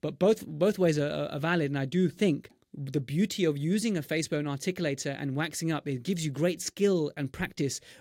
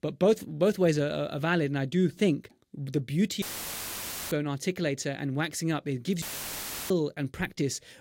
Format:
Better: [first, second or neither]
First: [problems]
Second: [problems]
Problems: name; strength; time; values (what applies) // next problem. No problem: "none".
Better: first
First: none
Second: audio cutting out; filled with static; at 3.5 s for 1 s and at 6 s for 0.5 s